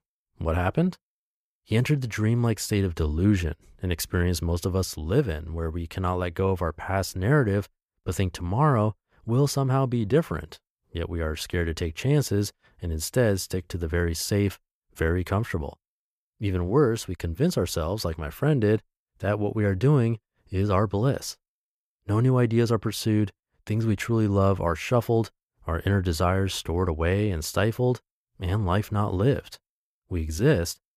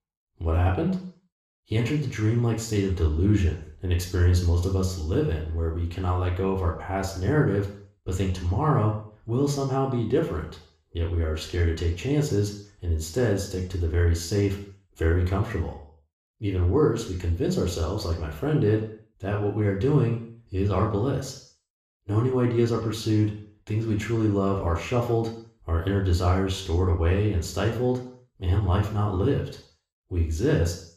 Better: first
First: none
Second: room echo; noticeable; dies away in 0.5 s // off-mic speech; far

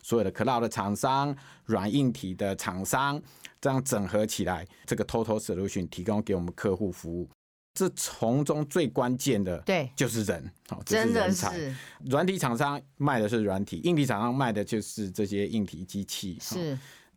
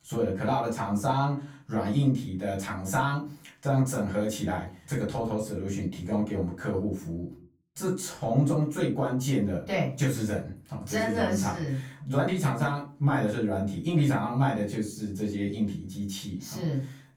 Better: first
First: none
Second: off-mic speech; far // room echo; slight; dies away in 0.3 s

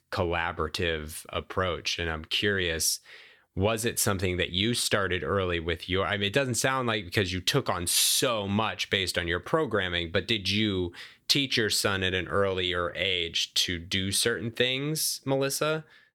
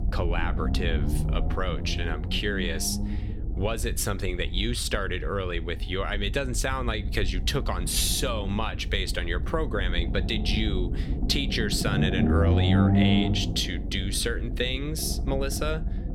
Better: first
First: none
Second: low rumble; loud; throughout; 8 dB below the speech

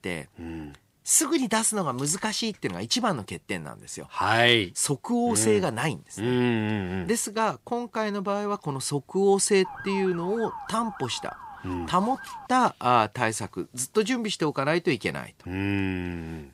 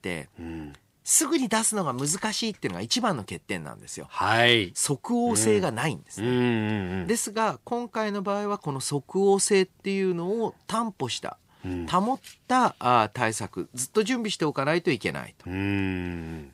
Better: second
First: siren; faint; from 9.5 to 12 s; peak 10 dB below the speech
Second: none

